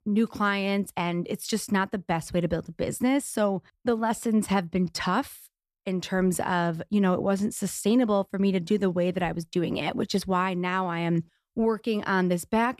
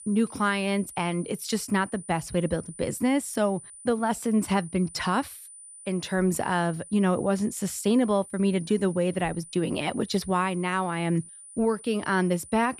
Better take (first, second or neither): first